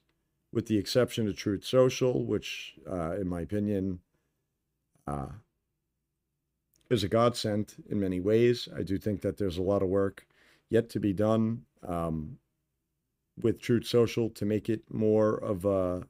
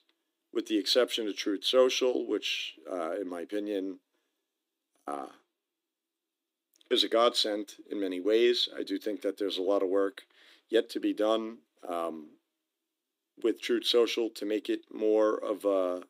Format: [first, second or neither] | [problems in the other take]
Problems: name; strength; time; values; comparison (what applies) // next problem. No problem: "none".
first | thin; somewhat; fading below 300 Hz